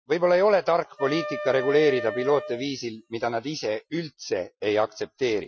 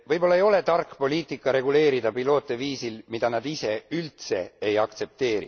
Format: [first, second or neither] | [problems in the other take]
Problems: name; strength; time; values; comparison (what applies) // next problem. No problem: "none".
second | noise reduction (classical method Wiener filter)